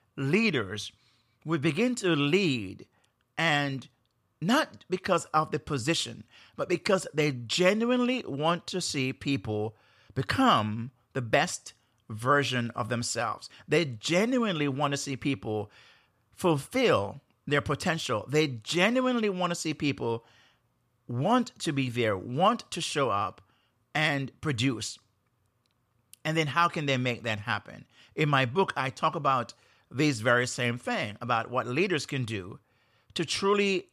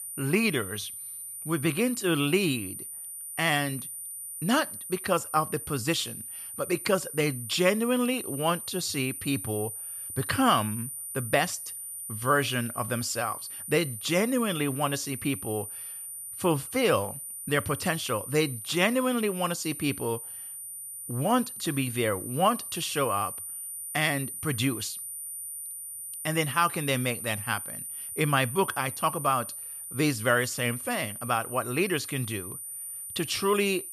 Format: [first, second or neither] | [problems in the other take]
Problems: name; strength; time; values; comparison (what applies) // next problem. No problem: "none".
first | high-pitched whine; loud; throughout; 9.5 kHz, 8 dB below the speech